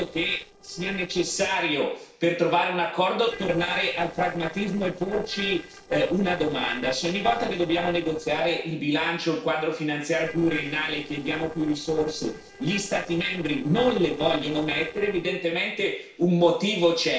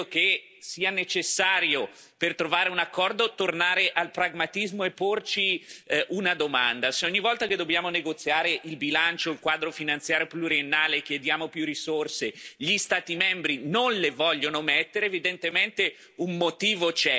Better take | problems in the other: second | noise reduction (neural separator model SepFormer DNS4)

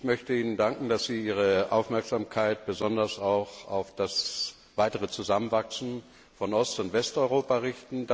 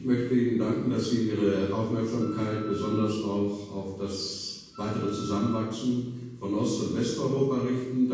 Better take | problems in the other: first | background sound (Wind instrument, woodwind instrument); 17 dB below the speech // room echo; dies away in 1.2 s

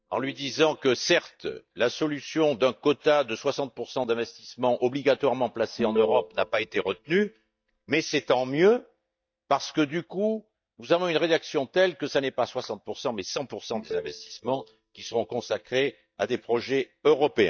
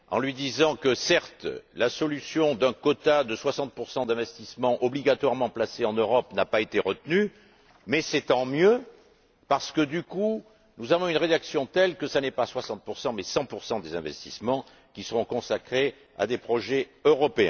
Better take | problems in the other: second | noise reduction (neural mask model DeepFilterNet 3)

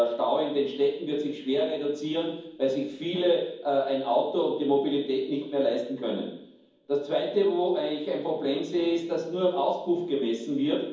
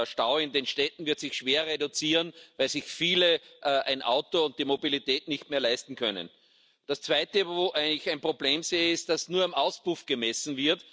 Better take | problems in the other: second | room echo; dies away in 1.2 s

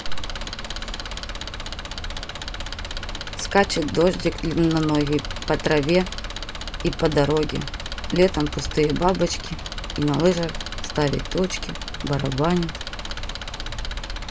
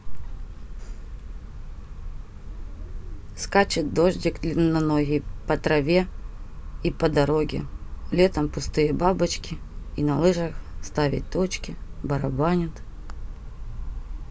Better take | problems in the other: second | background sound (Engine); 10 dB below the speech

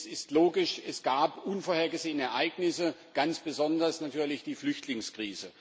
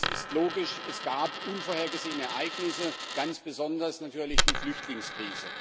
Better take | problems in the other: first | background sound (Coin (dropping)); as loud as the speech

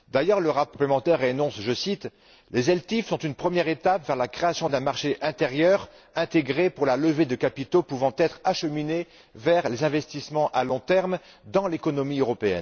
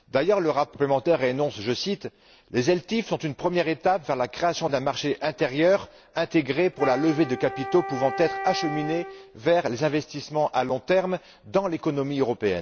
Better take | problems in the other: first | background sound (Wind instrument, woodwind instrument); 9 dB below the speech

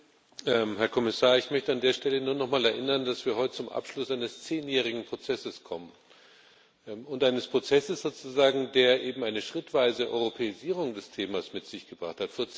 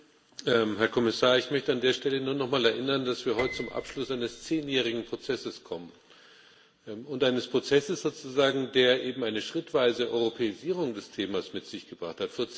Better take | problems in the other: first | background sound (Piano); 15 dB below the speech // room echo; dies away in 0.3 s

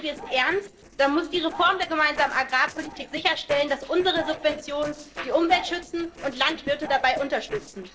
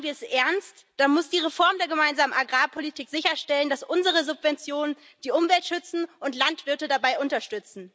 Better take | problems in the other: second | noise reduction (neural separator model SepFormer DNS4)

